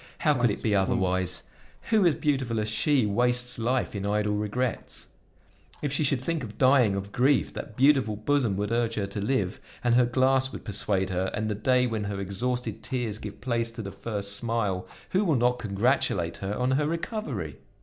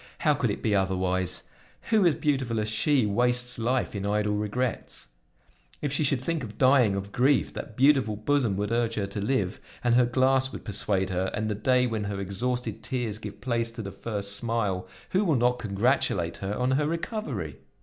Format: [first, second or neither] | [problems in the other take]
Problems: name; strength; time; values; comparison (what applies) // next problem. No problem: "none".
second | background sound (Clock); 19 dB below the speech